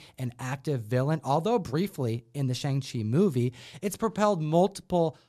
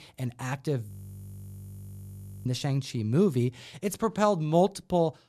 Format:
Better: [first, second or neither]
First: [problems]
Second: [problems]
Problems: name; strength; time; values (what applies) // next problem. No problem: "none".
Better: first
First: none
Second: audio freezing; at 1 s for 1.5 s